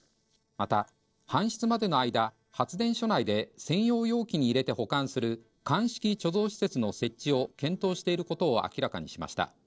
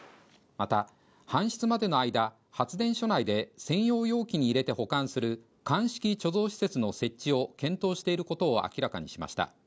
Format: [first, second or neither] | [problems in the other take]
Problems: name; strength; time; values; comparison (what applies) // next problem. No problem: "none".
second | noise reduction (neural separator model SepFormer DNS4)